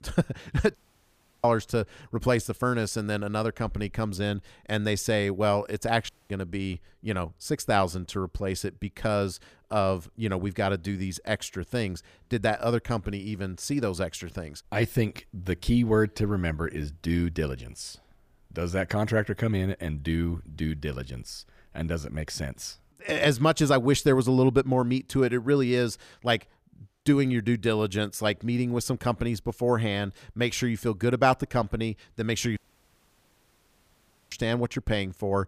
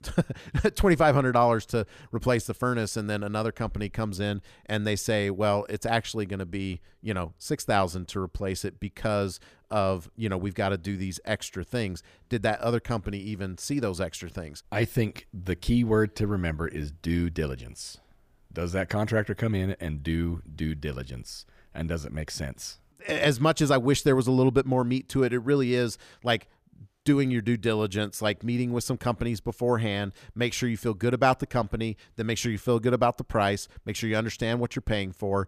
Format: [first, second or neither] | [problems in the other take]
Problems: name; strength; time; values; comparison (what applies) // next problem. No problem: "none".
second | audio cutting out; at 1 s for 0.5 s, at 6 s and at 33 s for 1.5 s